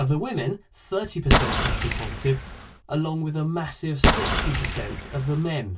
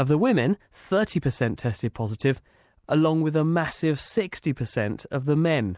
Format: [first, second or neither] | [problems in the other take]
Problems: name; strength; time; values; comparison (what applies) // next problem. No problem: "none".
second | background sound (Explosion); 3 dB above the speech // room echo; dies away in 0.1 s